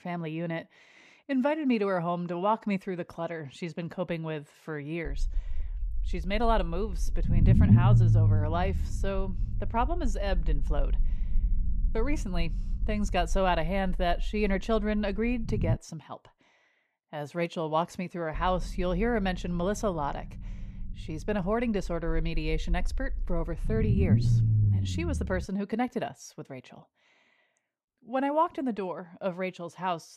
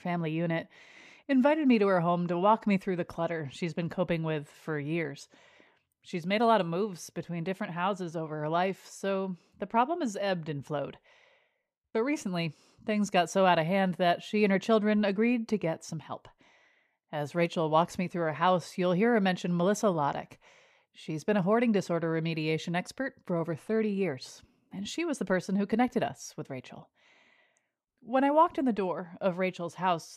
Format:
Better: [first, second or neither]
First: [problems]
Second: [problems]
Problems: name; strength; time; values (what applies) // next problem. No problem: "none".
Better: second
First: low rumble; loud; from 5 to 16 s and from 18 to 25 s; 7 dB below the speech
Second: none